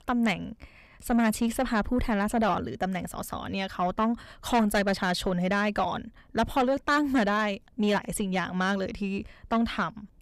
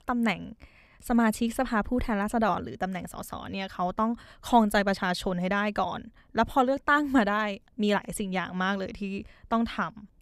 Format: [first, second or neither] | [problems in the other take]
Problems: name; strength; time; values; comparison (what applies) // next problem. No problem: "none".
second | distortion; slight; 10 dB below the speech